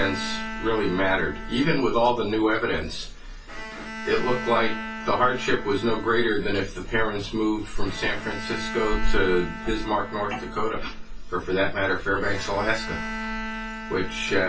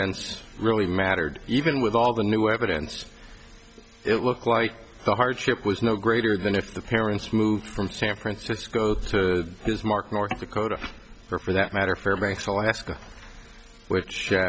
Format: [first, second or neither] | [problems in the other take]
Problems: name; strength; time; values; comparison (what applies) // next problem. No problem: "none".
second | background sound (Bowed string instrument); 11 dB below the speech // room echo; dies away in 0.1 s